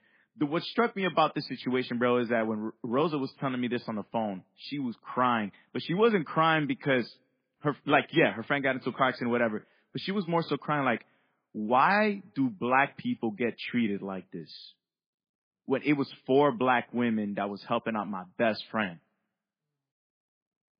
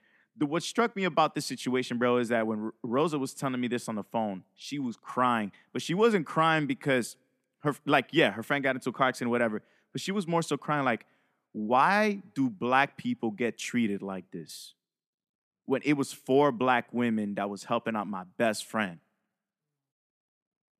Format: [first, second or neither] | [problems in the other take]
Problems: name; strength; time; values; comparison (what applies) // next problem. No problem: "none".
second | garbled, watery; badly; nothing above 4 kHz